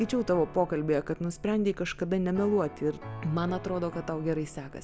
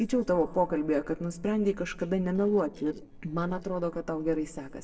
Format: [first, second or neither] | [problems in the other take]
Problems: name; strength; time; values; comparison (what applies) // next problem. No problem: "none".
first | noise reduction (neural separator model SepFormer DNS4)